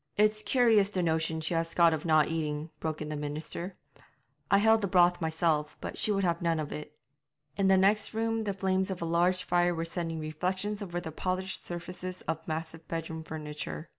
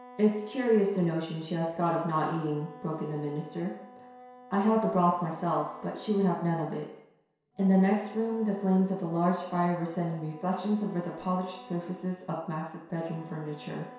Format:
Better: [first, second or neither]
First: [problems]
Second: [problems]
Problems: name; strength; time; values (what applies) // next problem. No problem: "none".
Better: first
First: none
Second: background sound (Wind instrument, woodwind instrument); 20 dB below the speech // room echo; dies away in 0.7 s